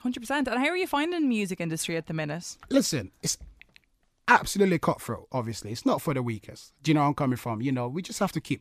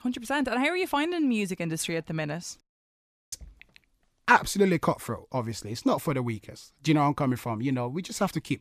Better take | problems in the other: first | audio cutting out; at 2.5 s for 0.5 s

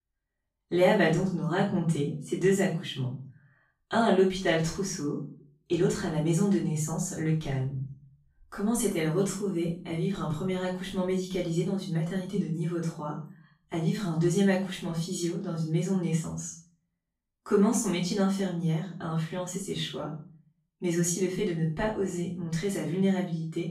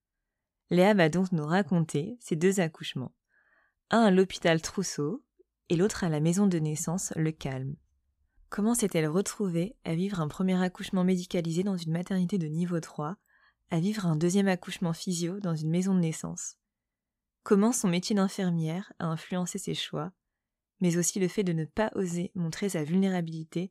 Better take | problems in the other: second | off-mic speech; far // room echo; noticeable; dies away in 0.4 s

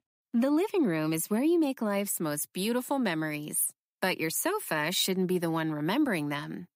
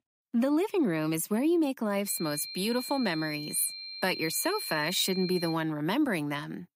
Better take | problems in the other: first | high-pitched whine; loud; from 2 to 5.5 s; 4 kHz, 9 dB below the speech

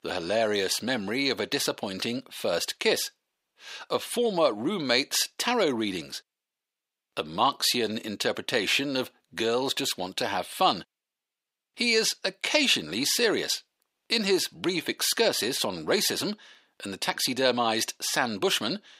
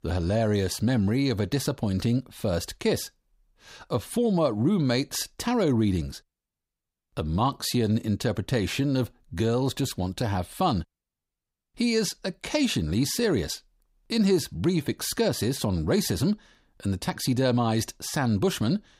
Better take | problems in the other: second | thin; somewhat; fading below 400 Hz

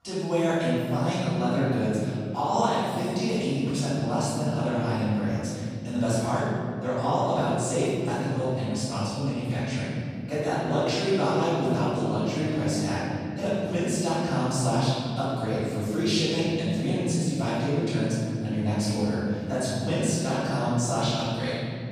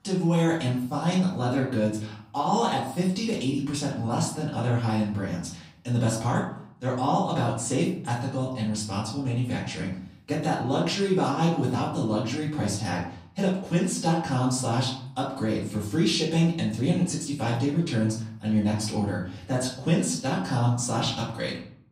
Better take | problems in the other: second | room echo; strong; dies away in 3 s; slight in the second // off-mic speech; far; far in the second

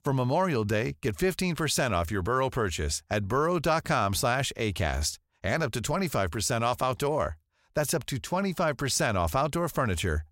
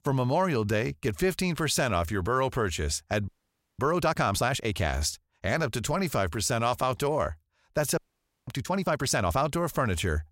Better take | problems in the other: first | audio freezing; at 3.5 s for 0.5 s and at 8 s

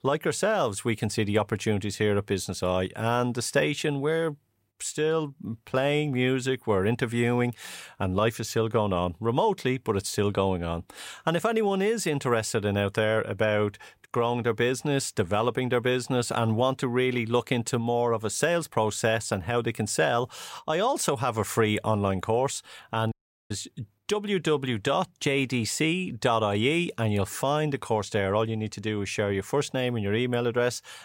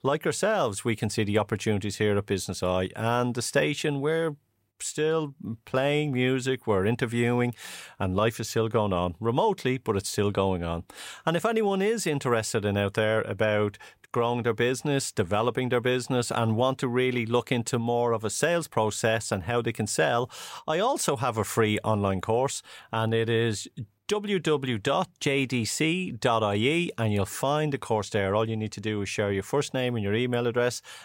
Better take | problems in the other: second | audio cutting out; at 23 s

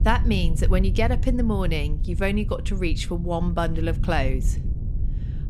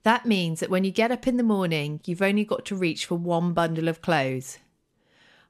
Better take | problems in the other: second | low rumble; noticeable; throughout; 15 dB below the speech

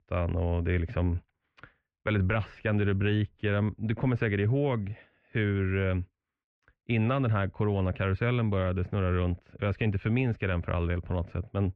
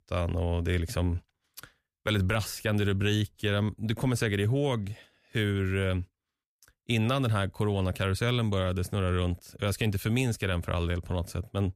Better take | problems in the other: second | muffled; very; fading above 2.5 kHz

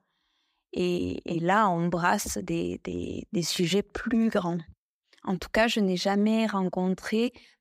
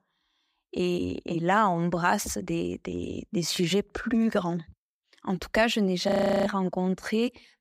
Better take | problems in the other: first | audio freezing; at 6 s

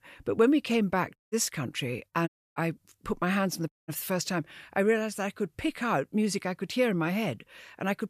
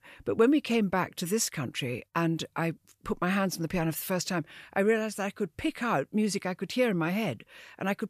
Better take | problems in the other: second | audio cutting out; at 1 s, at 2.5 s and at 3.5 s

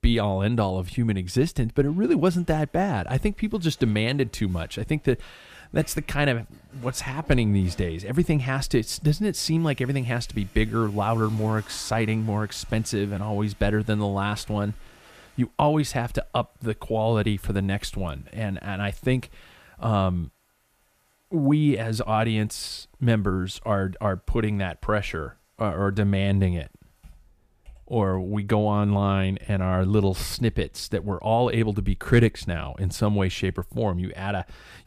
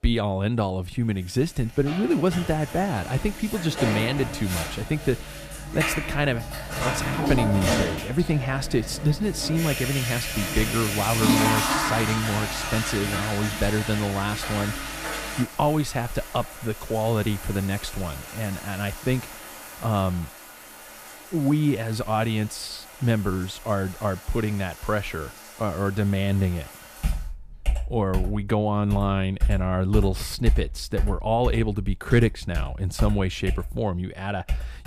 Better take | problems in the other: first | household noises; loud; throughout; 4 dB below the speech; faint in the first

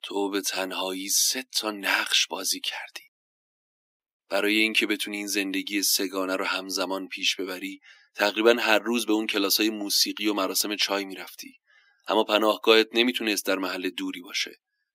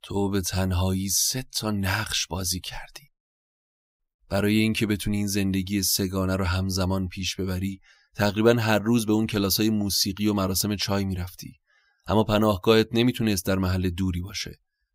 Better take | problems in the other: second | thin; somewhat; fading below 250 Hz

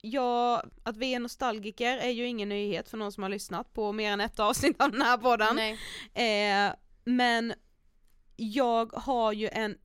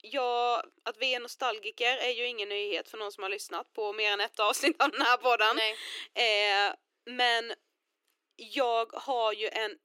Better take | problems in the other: first | thin; somewhat; fading below 300 Hz

